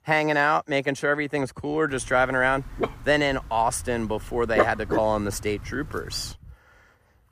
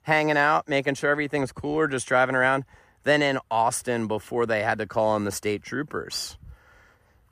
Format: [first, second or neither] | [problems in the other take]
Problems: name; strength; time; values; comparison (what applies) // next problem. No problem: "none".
second | dog barking; noticeable; from 3 to 6 s; peak level with the speech